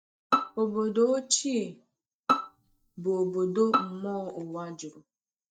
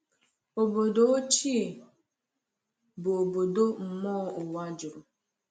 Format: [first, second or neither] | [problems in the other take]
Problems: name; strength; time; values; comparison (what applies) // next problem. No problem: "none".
second | noise reduction (neural mask model DeepFilterNet 3)